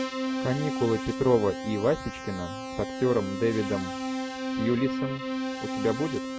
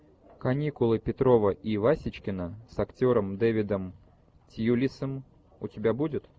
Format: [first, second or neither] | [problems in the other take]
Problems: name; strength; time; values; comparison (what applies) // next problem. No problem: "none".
second | background sound (Keyboard (musical)); 4 dB below the speech